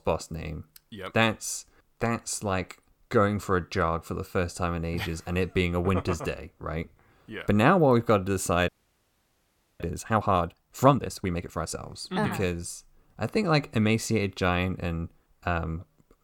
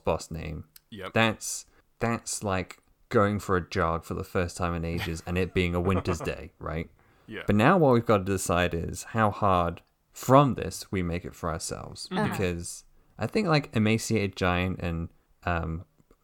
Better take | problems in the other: second | audio freezing; at 8.5 s for 1 s

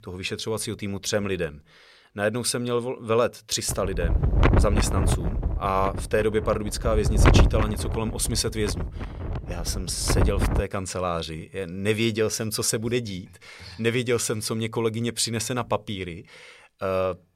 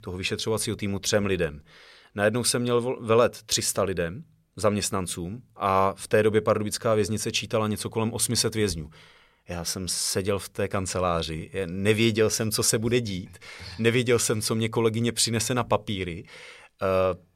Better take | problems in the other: second | wind noise on the microphone; heavy; from 3.5 to 11 s; 4 dB below the speech

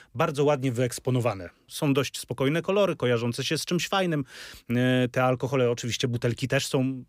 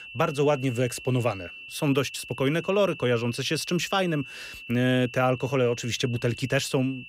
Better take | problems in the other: first | high-pitched whine; noticeable; throughout; 2.5 kHz, 15 dB below the speech

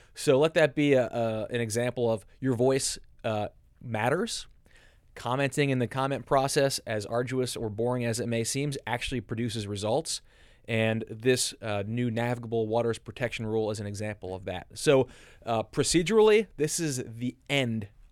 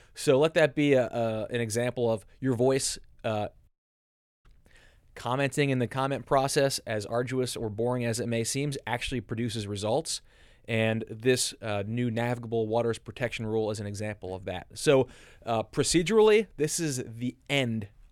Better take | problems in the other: first | audio cutting out; at 3.5 s for 1 s

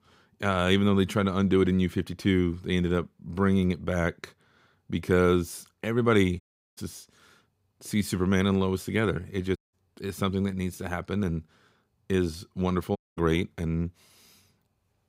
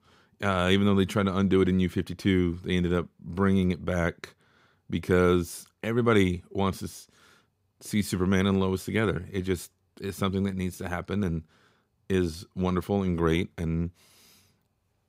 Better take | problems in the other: second | audio cutting out; at 6.5 s, at 9.5 s and at 13 s

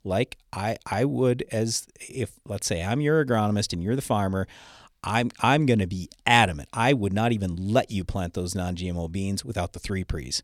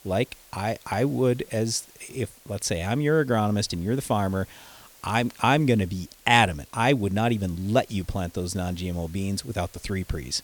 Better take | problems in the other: first | hiss; faint; throughout; 25 dB below the speech

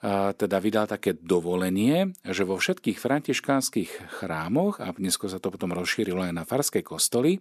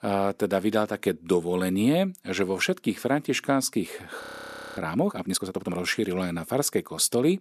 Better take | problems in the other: first | audio freezing; at 4 s for 0.5 s

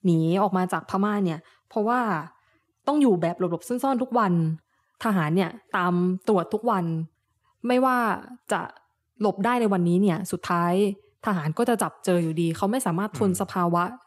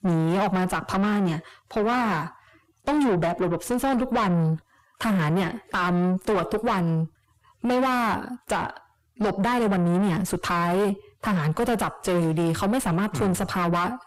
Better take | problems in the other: first | distortion; heavy; 4 dB below the speech

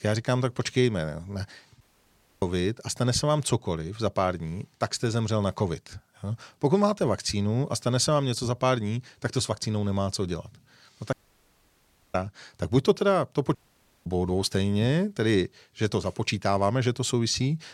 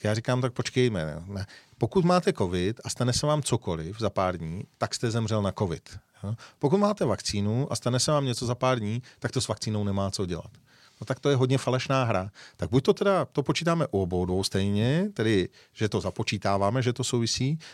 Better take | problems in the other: second | audio cutting out; at 2 s for 0.5 s, at 11 s for 1 s and at 14 s for 0.5 s

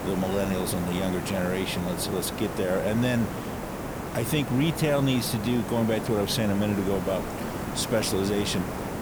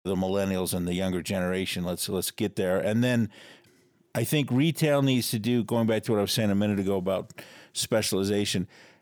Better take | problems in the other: second | hiss; loud; throughout; 6 dB below the speech

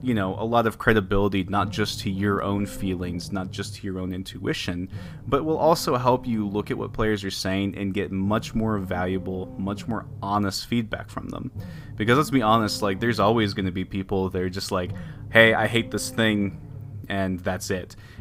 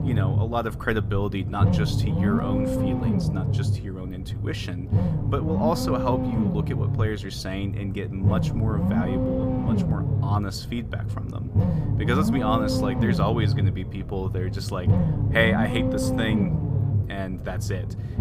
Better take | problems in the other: first | low rumble; loud; throughout; 2 dB below the speech; faint in the first

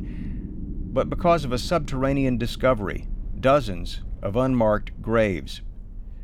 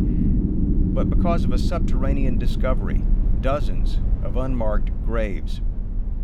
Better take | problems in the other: first | low rumble; loud; throughout; 6 dB below the speech; faint in the first

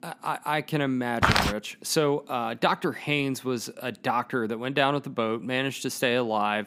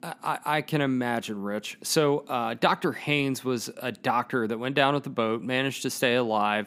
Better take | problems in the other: second | footsteps; loud; at 1 s; peak 5 dB above the speech

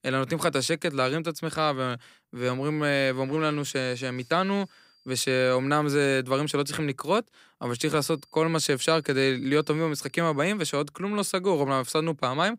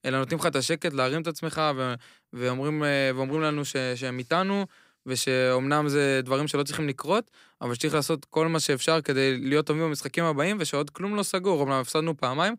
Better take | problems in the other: second | high-pitched whine; faint; from 2.5 to 5.5 s and from 7.5 to 11 s; 5 kHz, 35 dB below the speech

